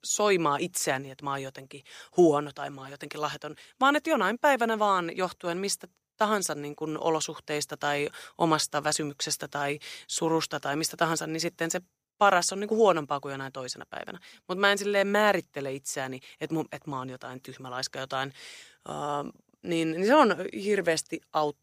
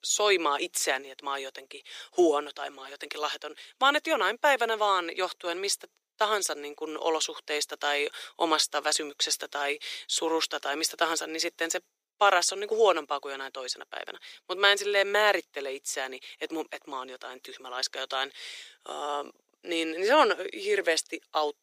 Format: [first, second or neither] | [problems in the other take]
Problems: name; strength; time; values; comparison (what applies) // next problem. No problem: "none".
first | thin; somewhat; fading below 350 Hz